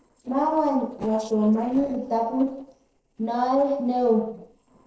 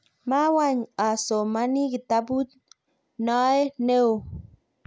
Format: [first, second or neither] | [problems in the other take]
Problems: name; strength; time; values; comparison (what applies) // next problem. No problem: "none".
second | noise reduction (neural separator model SepFormer DNS4)